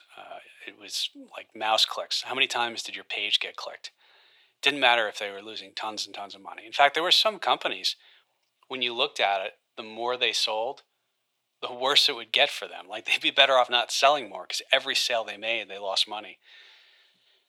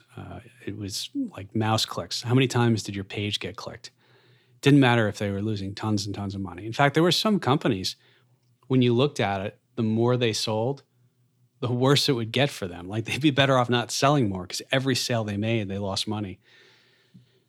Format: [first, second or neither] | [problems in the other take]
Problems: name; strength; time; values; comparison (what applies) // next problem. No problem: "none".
second | thin; very; fading below 750 Hz